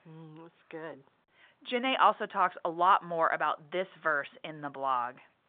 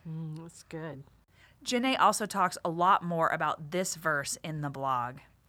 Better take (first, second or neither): second